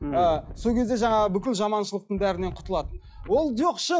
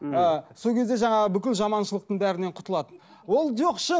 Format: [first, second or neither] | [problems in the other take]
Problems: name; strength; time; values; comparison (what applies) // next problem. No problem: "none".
second | noise reduction (classical method log-MMSE)